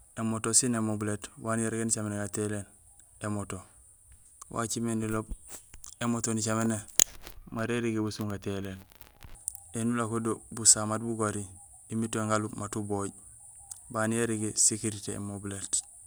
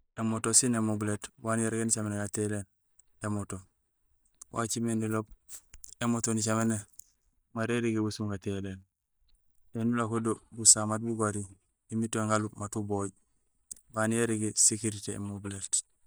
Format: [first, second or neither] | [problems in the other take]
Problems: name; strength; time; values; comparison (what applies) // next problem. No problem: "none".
first | noise reduction (neural mask model DeepFilterNet 3)